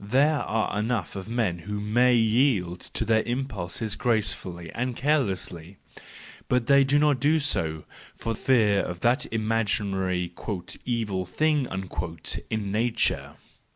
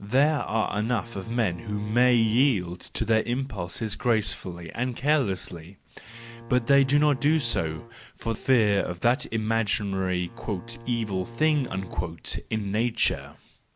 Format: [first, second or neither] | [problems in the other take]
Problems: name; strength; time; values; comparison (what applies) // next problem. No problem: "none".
first | background sound (Bowed string instrument); 18 dB below the speech